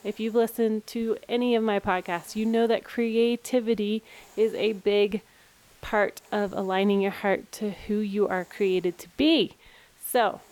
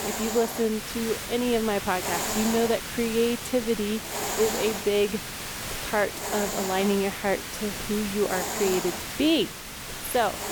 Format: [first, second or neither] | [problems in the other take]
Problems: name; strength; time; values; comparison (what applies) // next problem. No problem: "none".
first | hiss; loud; throughout; 4 dB below the speech; faint in the first